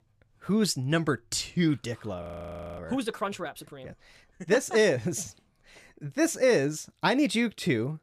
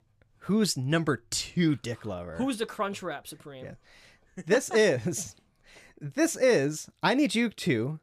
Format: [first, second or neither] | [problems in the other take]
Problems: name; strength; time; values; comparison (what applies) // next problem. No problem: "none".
second | audio freezing; at 2 s for 0.5 s